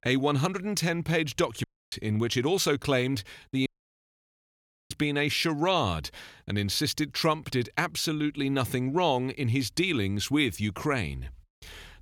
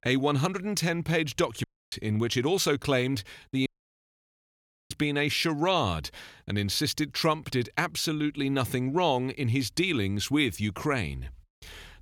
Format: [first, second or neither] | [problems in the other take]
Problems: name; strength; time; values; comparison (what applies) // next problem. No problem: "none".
neither | audio cutting out; at 1.5 s and at 3.5 s for 1.5 s; the same in both